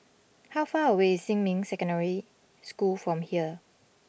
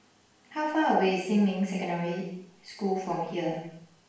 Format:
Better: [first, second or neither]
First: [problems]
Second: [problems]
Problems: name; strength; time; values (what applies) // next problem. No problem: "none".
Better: first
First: none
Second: room echo; dies away in 0.7 s